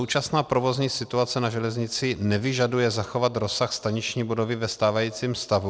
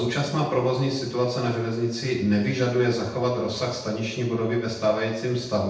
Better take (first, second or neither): first